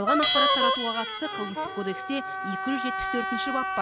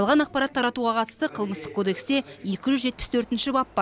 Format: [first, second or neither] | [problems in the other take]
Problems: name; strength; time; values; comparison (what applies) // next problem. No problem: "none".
second | background sound (Bell + Wind instrument, woodwind instrument); 4 dB above the speech